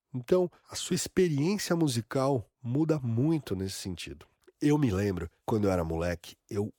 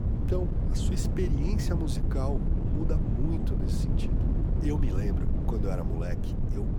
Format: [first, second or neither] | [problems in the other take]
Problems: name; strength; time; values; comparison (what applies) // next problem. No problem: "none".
first | wind noise on the microphone; heavy; 1 dB below the speech